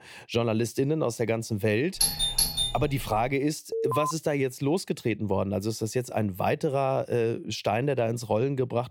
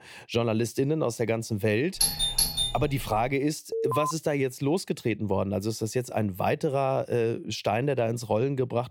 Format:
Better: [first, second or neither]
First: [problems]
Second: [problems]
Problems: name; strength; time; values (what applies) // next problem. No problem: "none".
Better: neither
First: doorbell; loud; from 2 to 3.5 s; peak 5 dB above the speech // alarm; noticeable; at 3.5 s; peak 1 dB below the speech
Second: doorbell; loud; from 2 to 3.5 s; peak 5 dB above the speech // alarm; noticeable; at 3.5 s; peak 1 dB below the speech